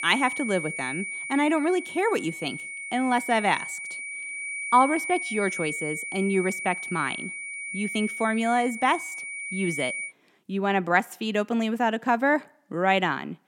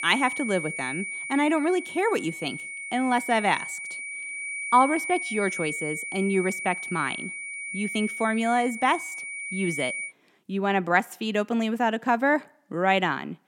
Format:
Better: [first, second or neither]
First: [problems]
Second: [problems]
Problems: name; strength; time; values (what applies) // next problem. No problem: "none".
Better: neither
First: high-pitched whine; loud; until 10 s; 2.5 kHz, 6 dB below the speech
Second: high-pitched whine; loud; until 10 s; 2.5 kHz, 6 dB below the speech